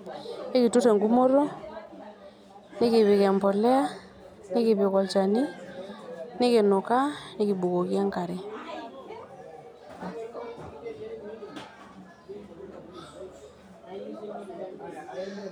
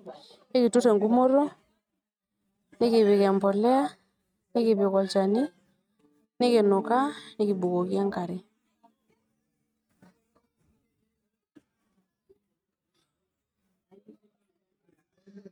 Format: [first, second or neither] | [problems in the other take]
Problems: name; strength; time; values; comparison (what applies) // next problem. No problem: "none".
first | noise reduction (neural mask model RNNoise)